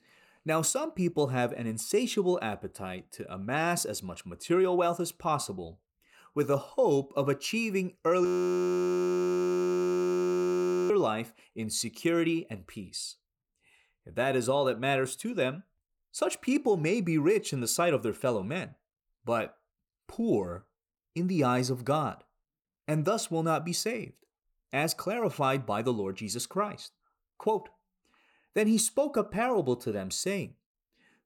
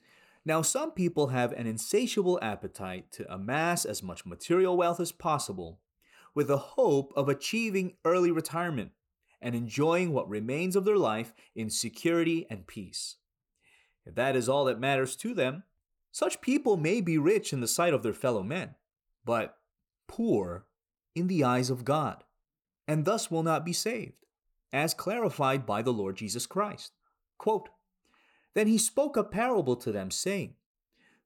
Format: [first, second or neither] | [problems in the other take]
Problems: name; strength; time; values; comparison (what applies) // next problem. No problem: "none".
second | audio freezing; at 8.5 s for 2.5 s